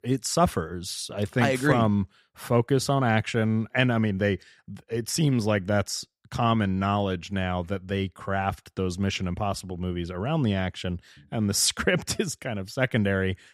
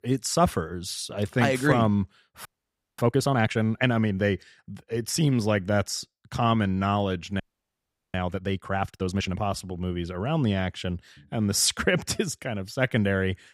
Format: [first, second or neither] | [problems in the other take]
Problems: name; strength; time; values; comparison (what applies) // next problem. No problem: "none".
first | audio freezing; at 2.5 s for 0.5 s and at 7.5 s for 0.5 s